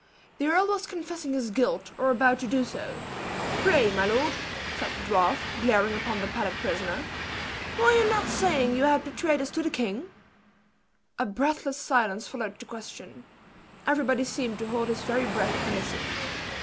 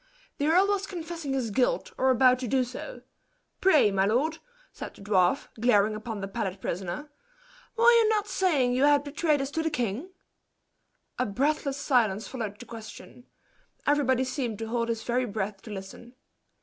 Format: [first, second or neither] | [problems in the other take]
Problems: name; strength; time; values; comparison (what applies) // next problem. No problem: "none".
second | background sound (Train); 7 dB below the speech